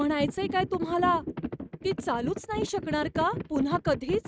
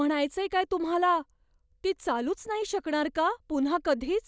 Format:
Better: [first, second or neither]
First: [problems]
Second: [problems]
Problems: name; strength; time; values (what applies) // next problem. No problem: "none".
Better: second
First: noise reduction (neural mask model RNNoise)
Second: none